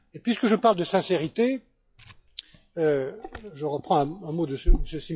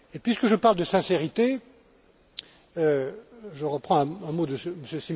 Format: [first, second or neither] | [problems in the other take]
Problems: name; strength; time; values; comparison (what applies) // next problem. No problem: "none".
second | noise reduction (classical method log-MMSE)